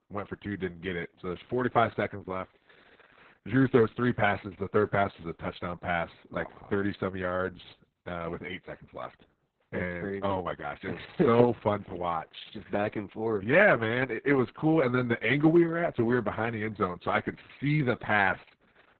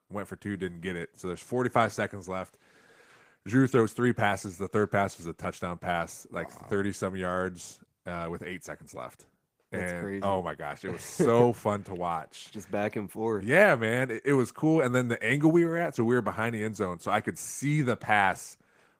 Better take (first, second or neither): second